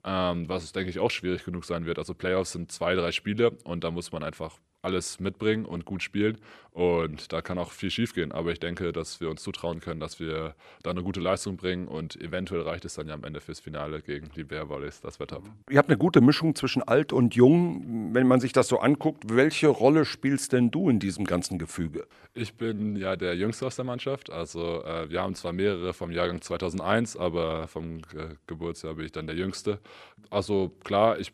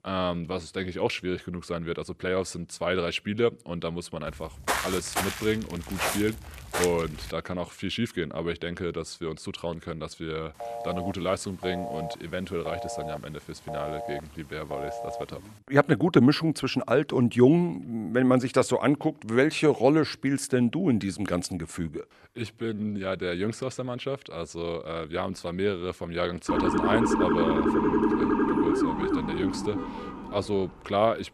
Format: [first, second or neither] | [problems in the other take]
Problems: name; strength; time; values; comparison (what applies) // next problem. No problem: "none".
first | footsteps; noticeable; from 4.5 to 7.5 s; peak level with the speech // phone ringing; noticeable; from 11 to 15 s; peak 7 dB below the speech // siren; loud; from 26 to 30 s; peak 4 dB above the speech